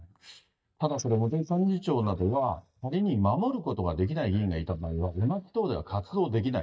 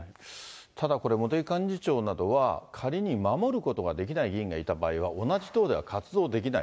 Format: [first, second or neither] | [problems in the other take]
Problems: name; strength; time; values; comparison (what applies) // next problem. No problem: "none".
second | noise reduction (neural mask model DeepFilterNet 3)